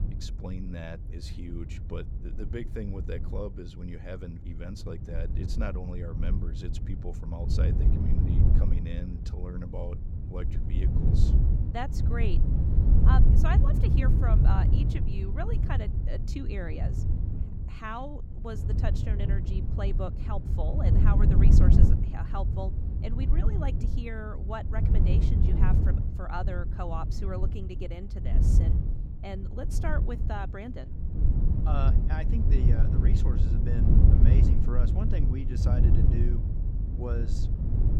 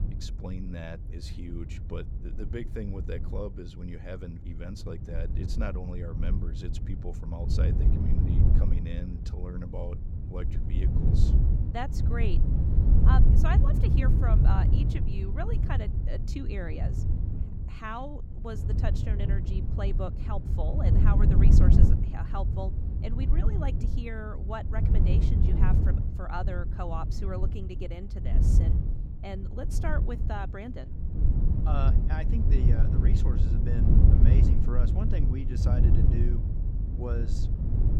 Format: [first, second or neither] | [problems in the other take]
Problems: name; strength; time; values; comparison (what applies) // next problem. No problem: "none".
neither | wind noise on the microphone; heavy; 1 dB below the speech; the same in both